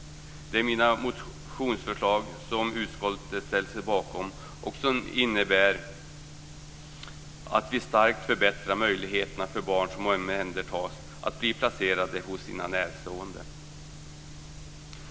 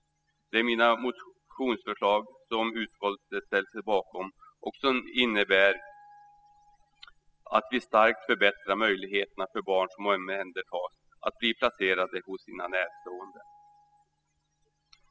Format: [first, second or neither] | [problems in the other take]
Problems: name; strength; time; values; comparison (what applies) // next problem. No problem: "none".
first | noise reduction (classical method spectral subtraction)